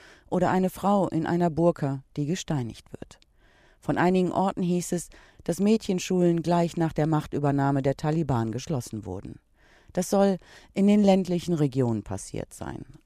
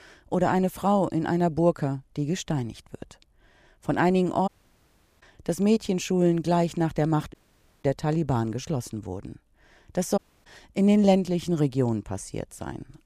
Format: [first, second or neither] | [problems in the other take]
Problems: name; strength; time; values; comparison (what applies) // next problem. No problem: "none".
first | audio cutting out; at 4.5 s for 0.5 s, at 7.5 s for 0.5 s and at 10 s